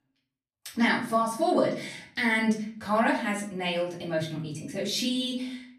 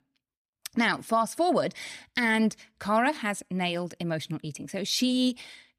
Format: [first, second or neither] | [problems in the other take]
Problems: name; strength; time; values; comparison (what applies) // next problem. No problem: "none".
second | off-mic speech; far // room echo; slight; dies away in 0.5 s